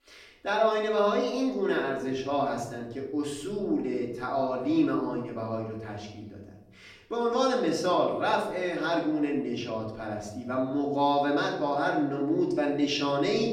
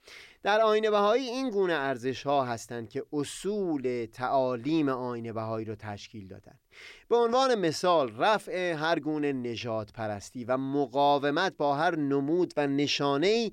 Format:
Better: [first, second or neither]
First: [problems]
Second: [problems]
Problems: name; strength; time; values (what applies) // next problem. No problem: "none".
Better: second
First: off-mic speech; far // room echo; slight; dies away in 0.9 s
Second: none